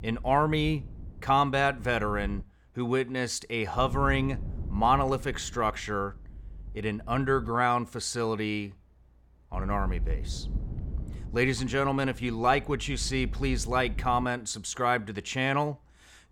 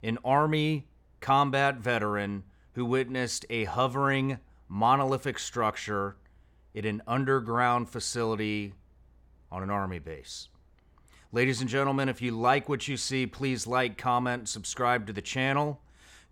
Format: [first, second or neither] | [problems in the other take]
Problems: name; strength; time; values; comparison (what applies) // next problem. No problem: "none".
second | wind noise on the microphone; occasional gusts; until 2.5 s, from 4 to 7.5 s and from 9.5 to 14 s; 25 dB below the speech